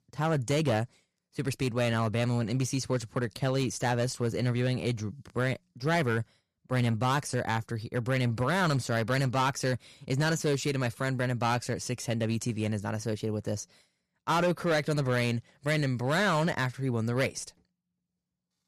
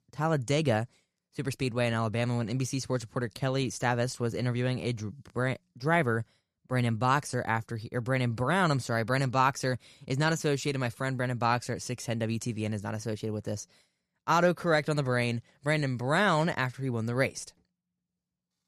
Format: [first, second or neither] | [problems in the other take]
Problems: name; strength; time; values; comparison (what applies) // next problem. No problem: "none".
second | distortion; slight; 6% of the sound clipped